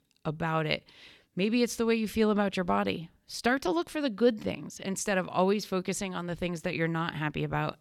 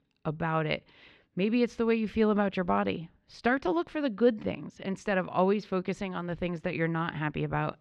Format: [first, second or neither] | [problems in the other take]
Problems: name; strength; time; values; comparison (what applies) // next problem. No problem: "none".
first | muffled; slightly; fading above 2.5 kHz